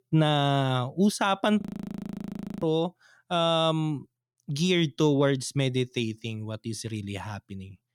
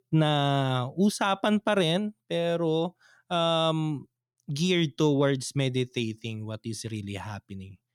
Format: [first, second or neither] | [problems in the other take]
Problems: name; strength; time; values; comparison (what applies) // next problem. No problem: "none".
second | audio freezing; at 1.5 s for 1 s